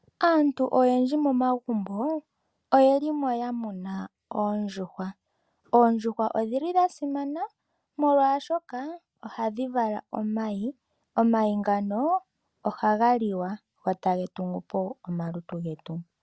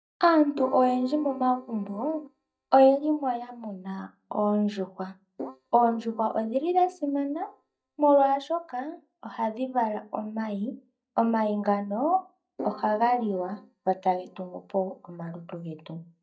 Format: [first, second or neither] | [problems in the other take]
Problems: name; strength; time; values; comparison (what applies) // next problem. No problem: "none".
first | noise reduction (neural mask model DeepFilterNet 3)